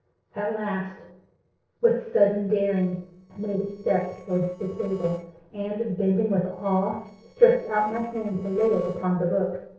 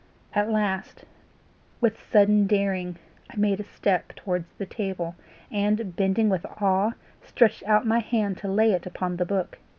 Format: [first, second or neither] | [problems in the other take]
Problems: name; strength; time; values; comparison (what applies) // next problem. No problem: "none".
second | noise reduction (neural separator model SepFormer DNS4)